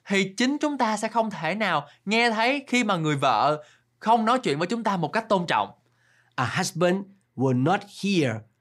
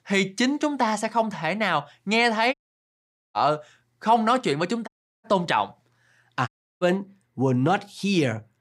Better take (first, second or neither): first